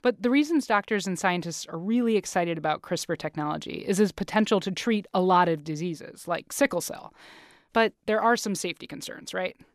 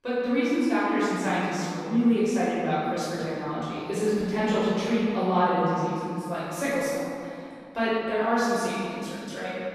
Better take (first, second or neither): first